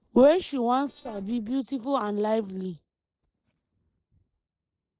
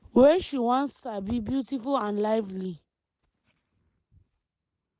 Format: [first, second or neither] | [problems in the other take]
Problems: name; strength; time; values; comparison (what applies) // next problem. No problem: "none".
second | noise reduction (neural separator model SepFormer DNS4)